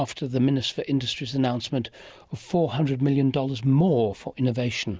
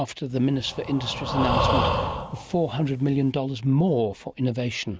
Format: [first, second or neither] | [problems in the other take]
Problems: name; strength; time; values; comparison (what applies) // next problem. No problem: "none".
first | background sound (Breathing); 2 dB below the speech